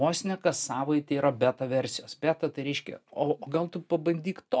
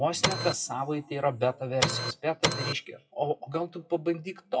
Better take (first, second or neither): first